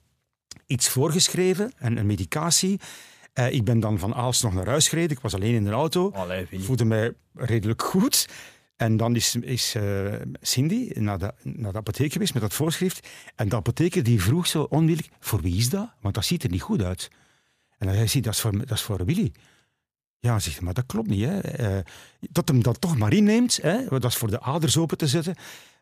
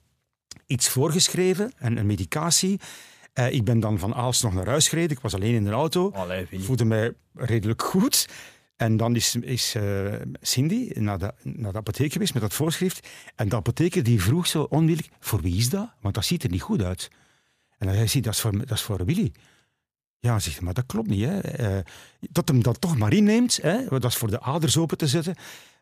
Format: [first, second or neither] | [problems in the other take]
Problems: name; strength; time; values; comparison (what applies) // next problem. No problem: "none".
neither | none